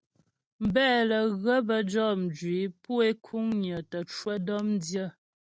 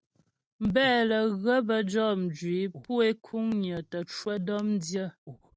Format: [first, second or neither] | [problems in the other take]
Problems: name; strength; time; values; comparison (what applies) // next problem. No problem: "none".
first | background sound (Breathing); 20 dB below the speech